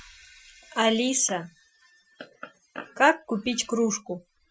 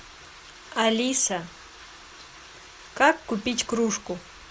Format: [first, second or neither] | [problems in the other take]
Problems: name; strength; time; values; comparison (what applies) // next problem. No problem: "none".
second | noise reduction (classical method Wiener filter)